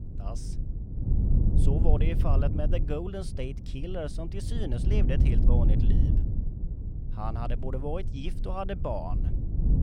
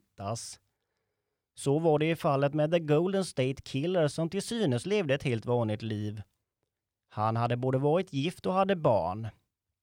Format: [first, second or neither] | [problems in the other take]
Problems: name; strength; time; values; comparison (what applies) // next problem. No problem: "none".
second | low rumble; loud; throughout; 6 dB below the speech